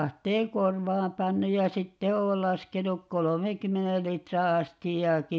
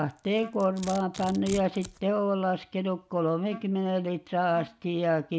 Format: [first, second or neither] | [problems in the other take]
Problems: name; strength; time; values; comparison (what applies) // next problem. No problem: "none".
first | background sound (Wind instrument, woodwind instrument + Domestic sounds, home sounds); 20 dB below the speech